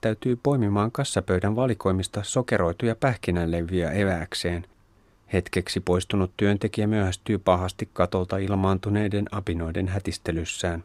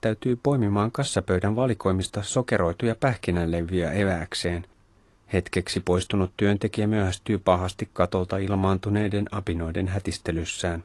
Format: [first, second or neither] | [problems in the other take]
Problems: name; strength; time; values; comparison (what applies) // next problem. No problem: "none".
first | garbled, watery; slightly